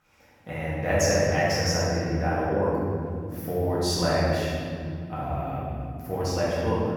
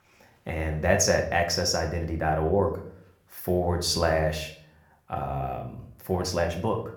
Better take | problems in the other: second | room echo; strong; dies away in 3 s; slight in the second // off-mic speech; far

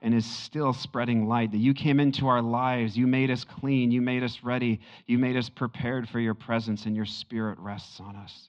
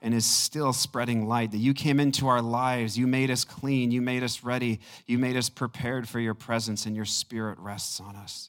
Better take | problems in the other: second | muffled; slightly; fading above 3.5 kHz

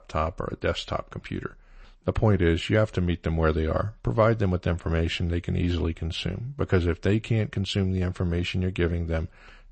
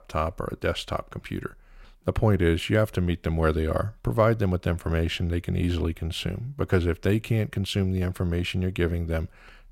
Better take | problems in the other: second | garbled, watery; slightly; nothing above 8 kHz

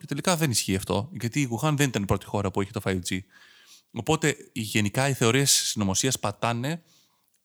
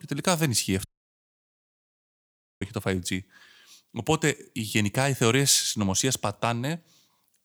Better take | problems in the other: first | audio cutting out; at 1 s for 2 s

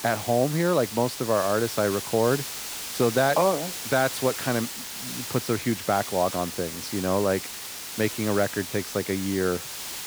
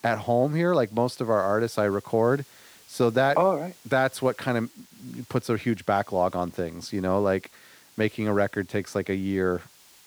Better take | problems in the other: second | hiss; loud; throughout; 7 dB below the speech; faint in the second

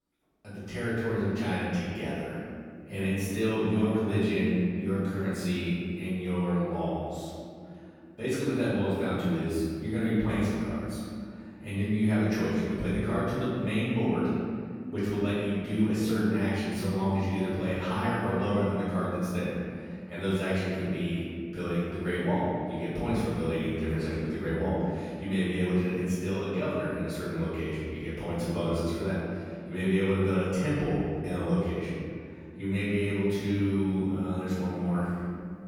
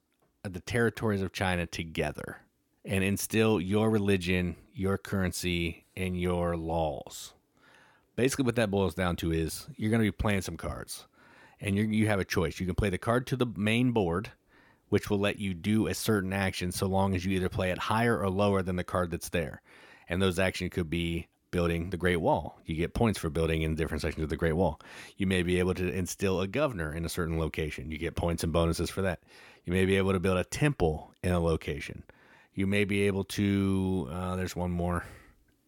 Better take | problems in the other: second | off-mic speech; far // room echo; strong; dies away in 2.6 s

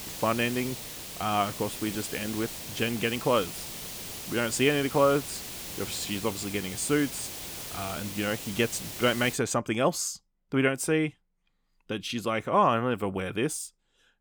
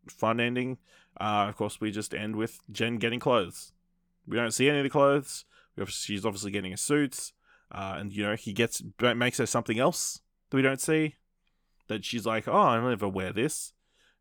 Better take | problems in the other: second | hiss; loud; until 9.5 s; 8 dB below the speech

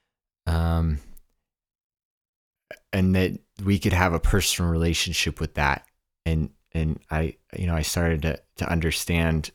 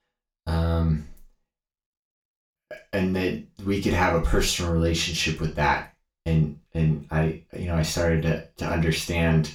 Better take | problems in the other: first | room echo; slight; dies away in 0.3 s // off-mic speech; far

